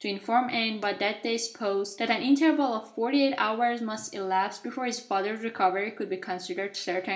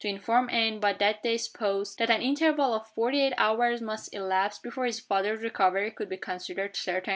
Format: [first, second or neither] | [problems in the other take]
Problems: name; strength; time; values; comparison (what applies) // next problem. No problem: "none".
second | room echo; dies away in 0.4 s